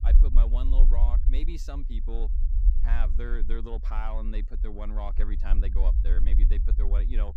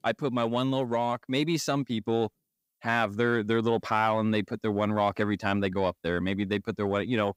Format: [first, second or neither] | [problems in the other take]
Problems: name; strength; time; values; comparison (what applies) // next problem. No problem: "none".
second | low rumble; loud; throughout; 9 dB below the speech